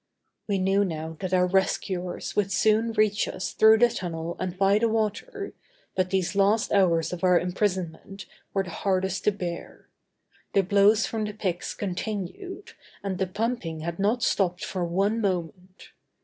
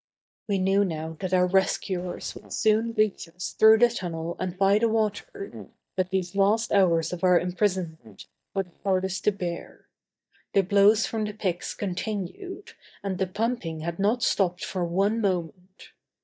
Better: first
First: none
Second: noise reduction (neural mask model DeepFilterNet 3)

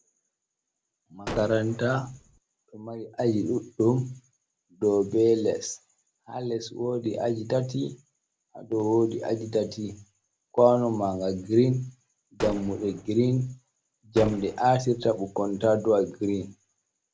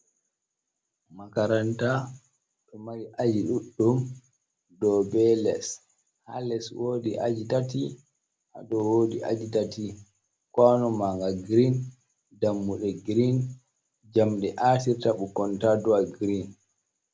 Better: second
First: background sound (Gunshot, gunfire); 12 dB below the speech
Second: none

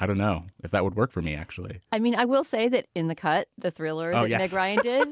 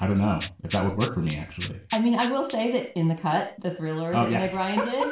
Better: first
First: none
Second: background sound (Rattle (instrument)); 16 dB below the speech // room echo; dies away in 0.4 s

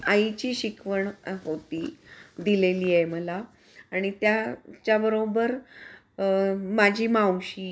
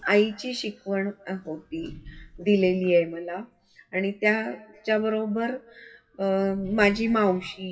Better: first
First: none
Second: noise reduction (classical method WPE with log-MMSE)

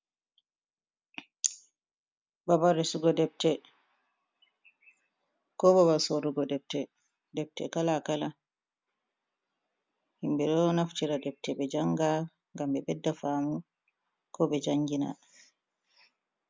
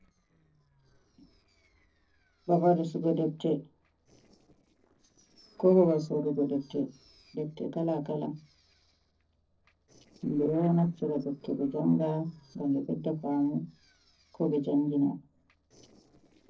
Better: first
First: none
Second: noise reduction (neural separator model SepFormer DNS4)

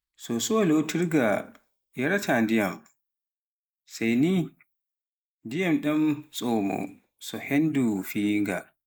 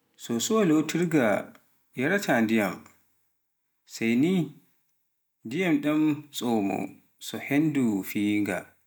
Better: second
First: noise reduction (neural mask model Resemble Enhance denoiser)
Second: none

